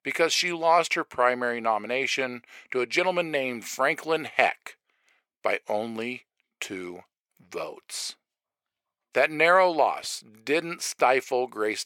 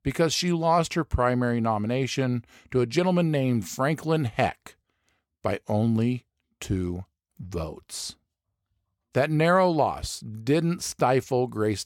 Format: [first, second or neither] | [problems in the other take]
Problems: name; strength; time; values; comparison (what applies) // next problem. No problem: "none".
second | thin; very; fading below 500 Hz